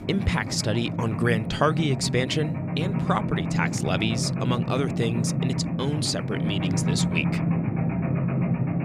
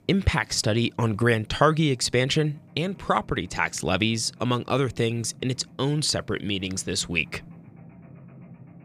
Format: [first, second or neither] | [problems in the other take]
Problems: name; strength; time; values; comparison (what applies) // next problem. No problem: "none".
second | machinery noise; loud; throughout; as loud as the speech; faint in the second